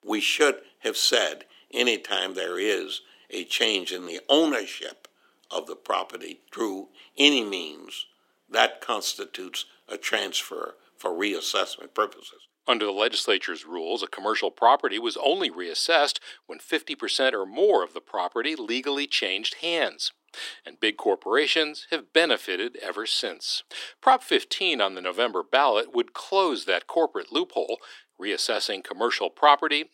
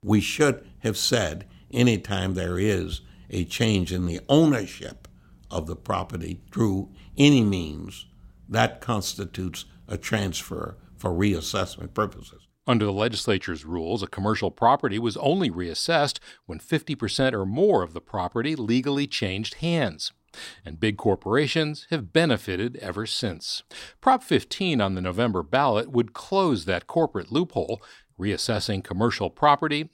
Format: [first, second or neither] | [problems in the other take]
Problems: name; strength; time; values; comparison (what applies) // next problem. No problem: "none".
second | thin; somewhat; fading below 350 Hz